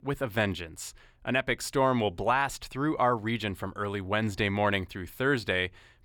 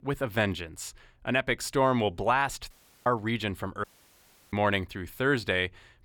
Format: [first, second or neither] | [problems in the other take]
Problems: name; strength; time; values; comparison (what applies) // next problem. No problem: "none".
first | audio cutting out; at 2.5 s and at 4 s for 0.5 s